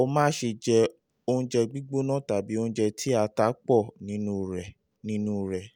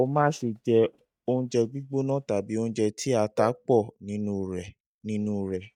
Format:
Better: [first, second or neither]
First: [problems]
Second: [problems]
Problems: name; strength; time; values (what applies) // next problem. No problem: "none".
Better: first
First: none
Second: noise reduction (neural mask model DeepFilterNet 3)